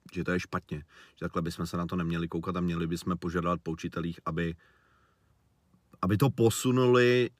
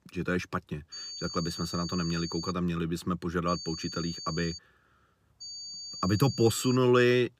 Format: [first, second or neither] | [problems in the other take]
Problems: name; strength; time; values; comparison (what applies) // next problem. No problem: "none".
first | high-pitched whine; loud; from 1 to 2.5 s, from 3.5 to 4.5 s and from 5.5 to 7 s; 4.5 kHz, 9 dB below the speech